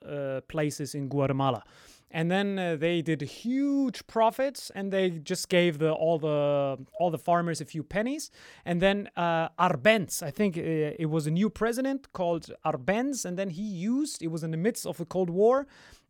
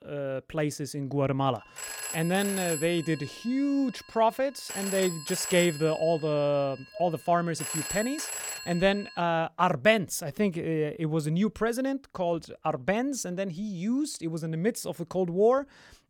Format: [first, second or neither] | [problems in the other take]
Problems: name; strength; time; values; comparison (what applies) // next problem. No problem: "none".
first | phone ringing; noticeable; from 2 to 9 s; peak 3 dB below the speech